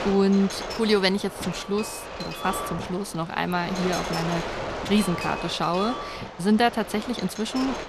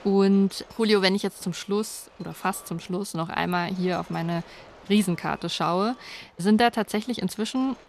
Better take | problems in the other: second | wind noise on the microphone; heavy; 5 dB below the speech; occasional gusts in the second

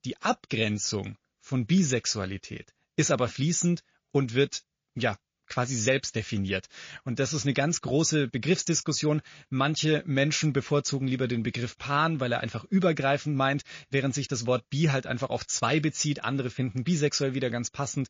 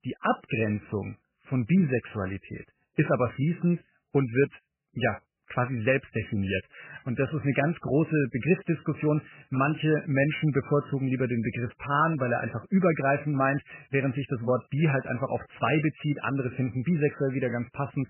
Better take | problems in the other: first | garbled, watery; badly; nothing above 3 kHz; slightly in the first

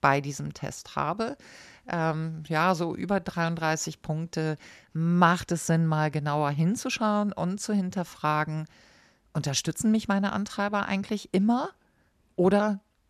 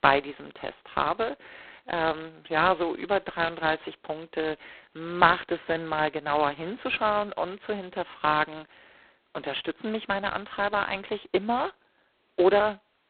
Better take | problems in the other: first | phone-call audio; poor line; nothing above 4 kHz

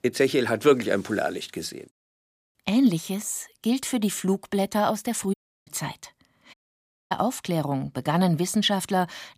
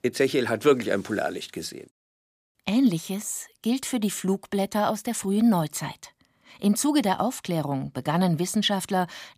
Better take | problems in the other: second | audio cutting out; at 5.5 s and at 6.5 s for 0.5 s

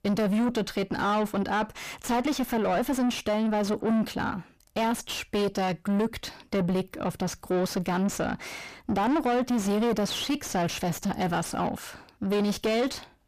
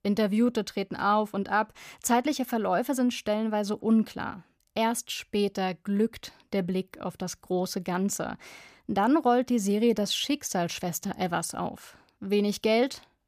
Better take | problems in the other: second | distortion; heavy; 6 dB below the speech

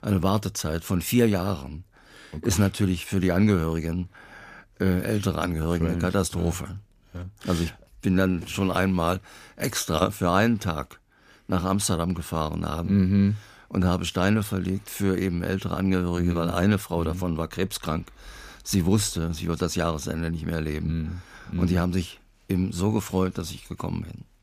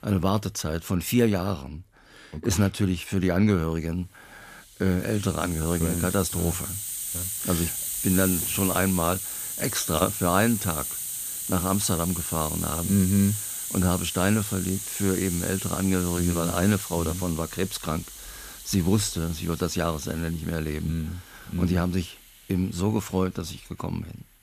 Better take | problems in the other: first | hiss; loud; throughout; 4 dB below the speech

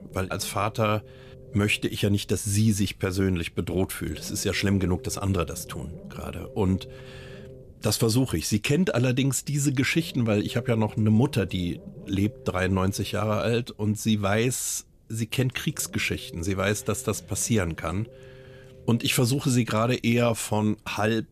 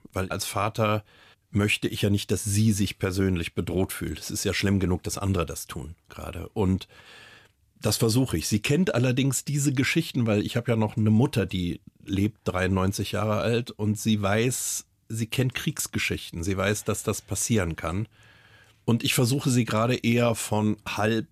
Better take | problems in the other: second | low rumble; faint; throughout; 20 dB below the speech

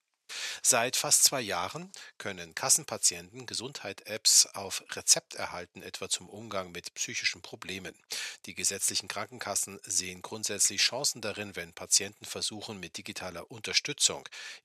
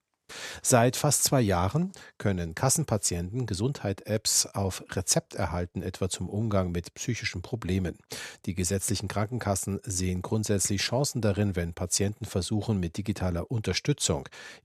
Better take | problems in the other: second | thin; somewhat; fading below 1 kHz

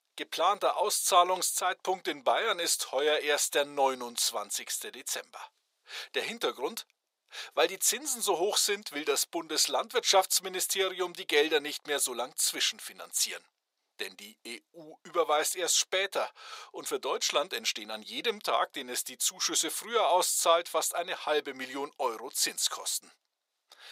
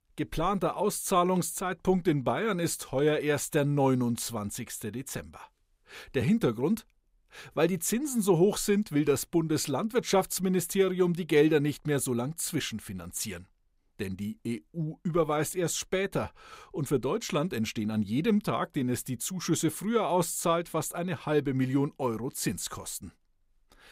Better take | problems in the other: second | thin; very; fading below 550 Hz

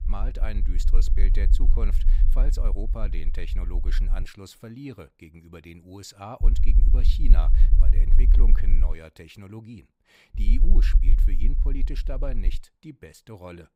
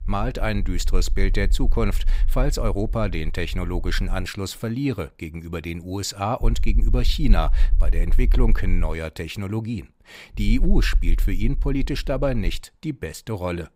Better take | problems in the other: second | low rumble; loud; until 4 s, from 6.5 to 9 s and from 10 to 13 s; 7 dB below the speech; faint in the second

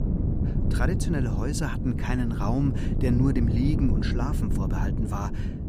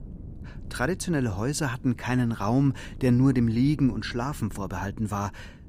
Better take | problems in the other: second | wind noise on the microphone; heavy; 4 dB below the speech; occasional gusts in the second

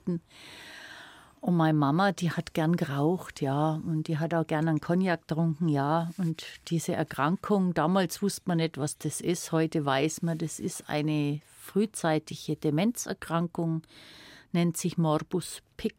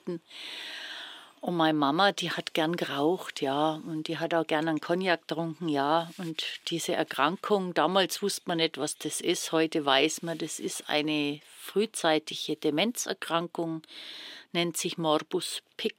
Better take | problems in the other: first | thin; somewhat; fading below 350 Hz

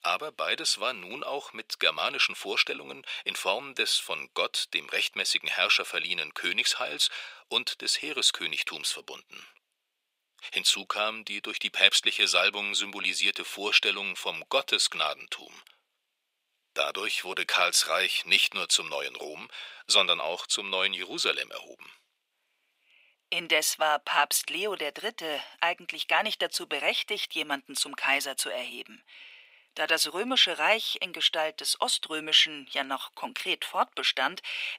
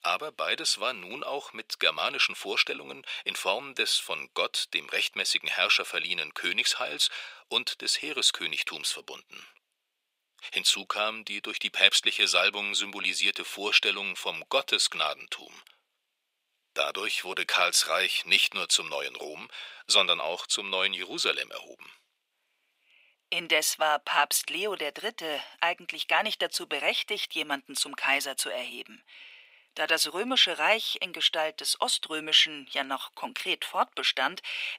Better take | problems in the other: neither | thin; very; fading below 500 Hz; the same in both

